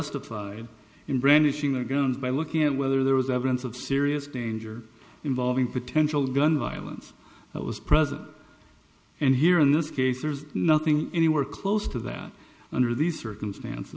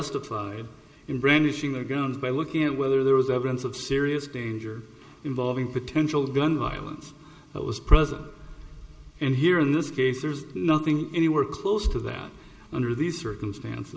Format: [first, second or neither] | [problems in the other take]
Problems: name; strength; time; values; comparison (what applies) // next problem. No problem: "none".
first | room echo; dies away in 2.2 s